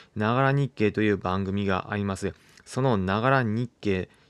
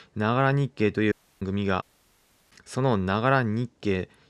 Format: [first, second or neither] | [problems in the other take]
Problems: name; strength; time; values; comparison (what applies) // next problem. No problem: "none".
first | audio cutting out; at 1 s and at 2 s for 0.5 s